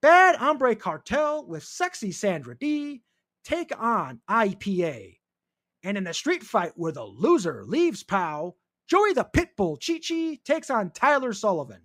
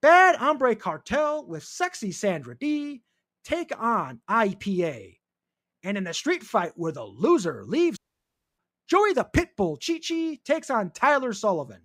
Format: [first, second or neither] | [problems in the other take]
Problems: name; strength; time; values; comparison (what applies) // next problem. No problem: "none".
first | audio cutting out; at 8 s for 0.5 s